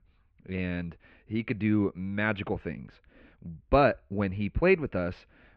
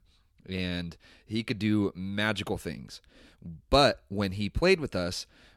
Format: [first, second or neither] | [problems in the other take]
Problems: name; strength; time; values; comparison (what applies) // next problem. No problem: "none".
second | muffled; very; fading above 2.5 kHz